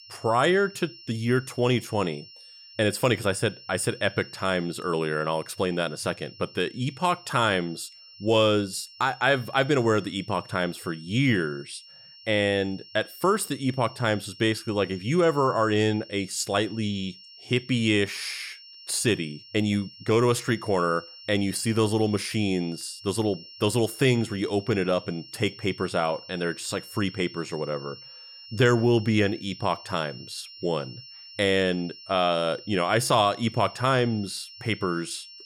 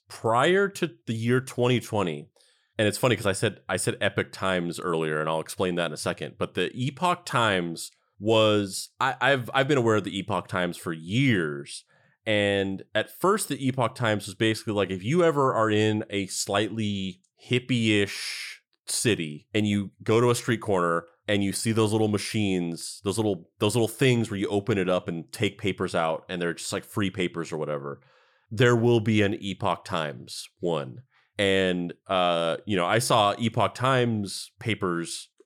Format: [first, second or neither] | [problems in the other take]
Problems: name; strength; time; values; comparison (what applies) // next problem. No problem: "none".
second | high-pitched whine; noticeable; throughout; 5.5 kHz, 20 dB below the speech